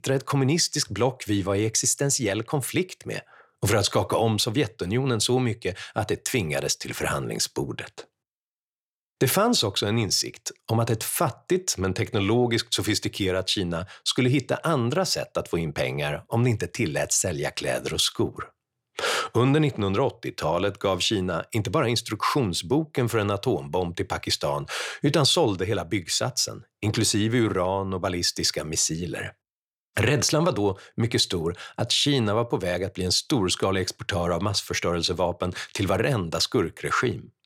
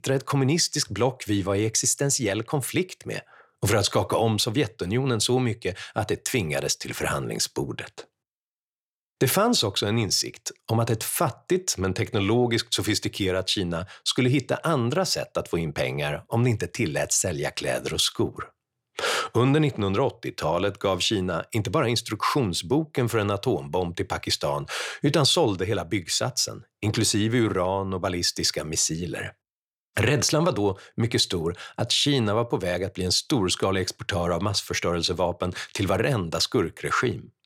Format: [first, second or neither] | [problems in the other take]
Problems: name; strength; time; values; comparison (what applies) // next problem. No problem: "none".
neither | none